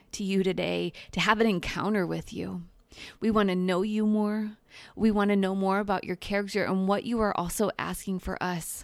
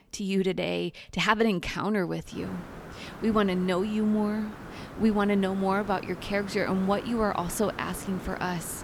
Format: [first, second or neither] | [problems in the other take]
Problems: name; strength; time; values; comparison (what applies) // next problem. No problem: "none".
first | hiss; noticeable; from 2.5 s on; 15 dB below the speech